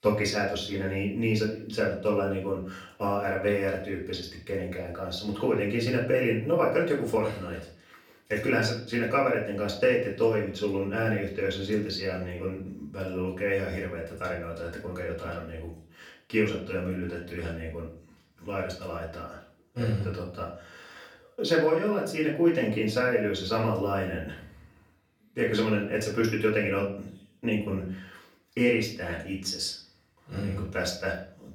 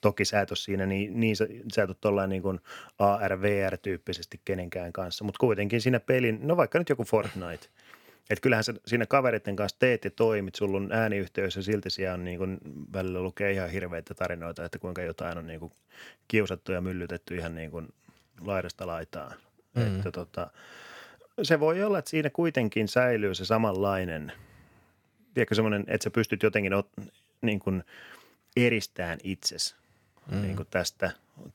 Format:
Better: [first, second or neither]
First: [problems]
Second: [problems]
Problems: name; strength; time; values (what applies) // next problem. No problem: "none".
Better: second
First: off-mic speech; far // room echo; slight; dies away in 0.4 s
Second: none